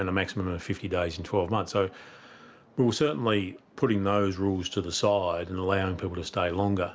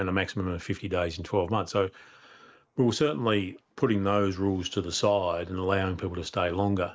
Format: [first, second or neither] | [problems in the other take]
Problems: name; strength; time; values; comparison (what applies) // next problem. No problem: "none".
first | noise reduction (neural mask model Resemble Enhance denoiser)